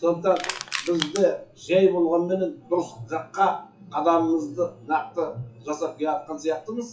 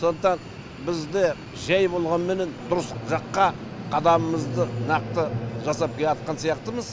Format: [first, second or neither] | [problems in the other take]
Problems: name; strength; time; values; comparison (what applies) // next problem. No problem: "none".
second | noise reduction (classical method WPE with log-MMSE)